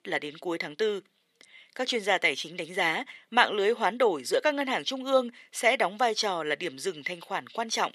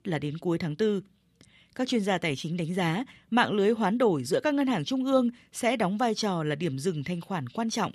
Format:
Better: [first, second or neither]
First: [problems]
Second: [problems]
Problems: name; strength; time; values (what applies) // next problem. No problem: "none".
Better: second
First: thin; somewhat; fading below 500 Hz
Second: none